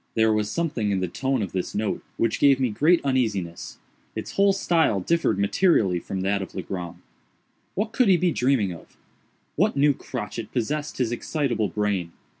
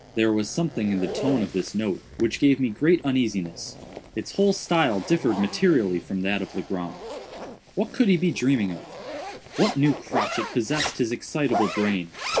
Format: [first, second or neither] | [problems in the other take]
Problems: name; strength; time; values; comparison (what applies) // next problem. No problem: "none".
first | background sound (Zipper (clothing)); 10 dB below the speech